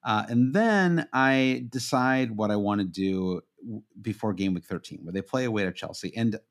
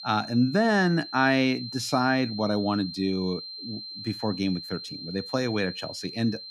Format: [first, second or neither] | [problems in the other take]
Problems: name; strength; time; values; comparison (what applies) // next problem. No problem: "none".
first | high-pitched whine; noticeable; throughout; 4 kHz, 10 dB below the speech